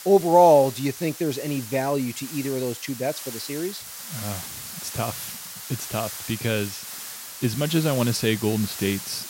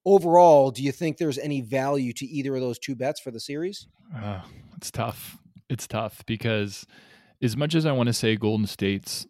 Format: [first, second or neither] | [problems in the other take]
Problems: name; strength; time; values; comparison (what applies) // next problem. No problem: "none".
second | hiss; loud; throughout; 10 dB below the speech